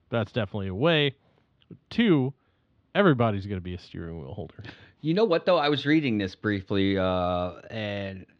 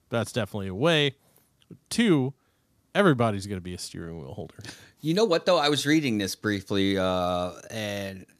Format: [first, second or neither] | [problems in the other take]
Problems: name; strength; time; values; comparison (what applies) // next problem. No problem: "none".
second | muffled; slightly; fading above 3.5 kHz